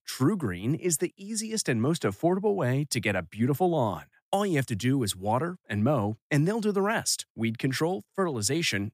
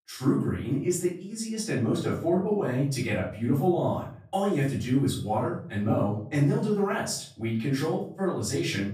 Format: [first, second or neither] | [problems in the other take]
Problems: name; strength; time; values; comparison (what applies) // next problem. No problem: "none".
first | off-mic speech; far // room echo; noticeable; dies away in 0.5 s